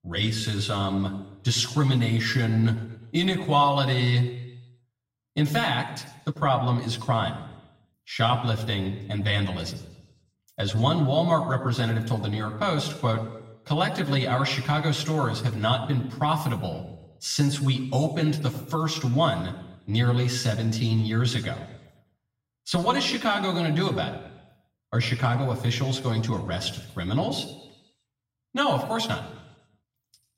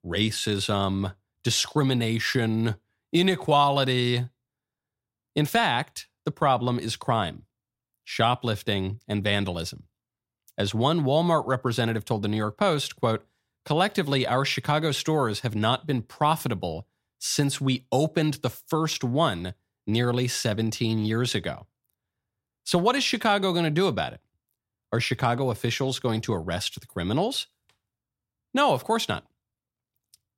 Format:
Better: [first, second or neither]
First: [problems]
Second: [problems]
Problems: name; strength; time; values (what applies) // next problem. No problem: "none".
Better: second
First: room echo; slight; dies away in 0.8 s // off-mic speech; far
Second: none